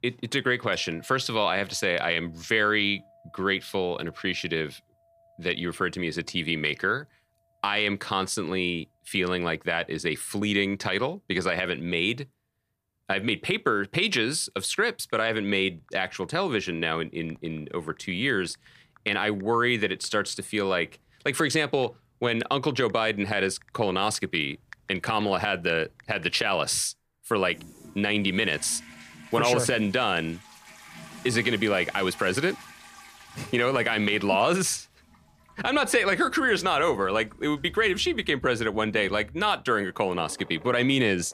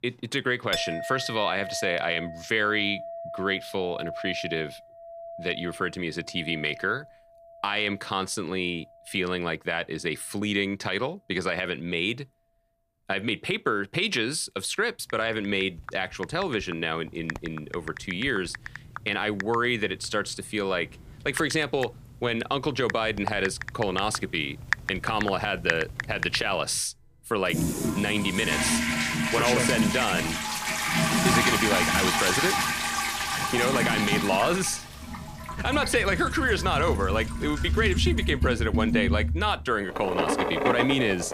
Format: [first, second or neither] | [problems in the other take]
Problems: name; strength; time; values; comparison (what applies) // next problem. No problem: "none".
first | household noises; loud; throughout; 1 dB below the speech; faint in the first